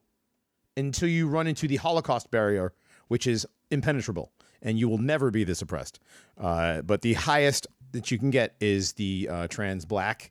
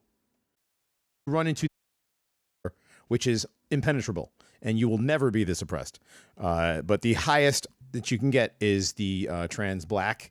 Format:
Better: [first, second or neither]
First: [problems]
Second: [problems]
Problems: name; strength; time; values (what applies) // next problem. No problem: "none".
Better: first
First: none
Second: audio cutting out; at 0.5 s for 0.5 s and at 1.5 s for 1 s